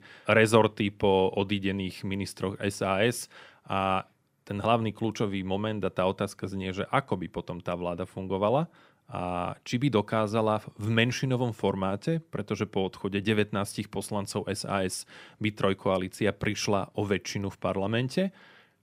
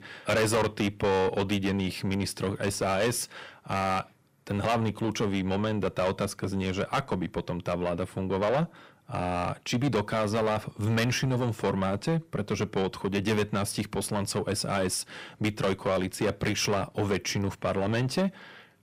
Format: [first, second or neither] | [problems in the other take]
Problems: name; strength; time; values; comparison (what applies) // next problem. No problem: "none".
first | distortion; heavy; 6 dB below the speech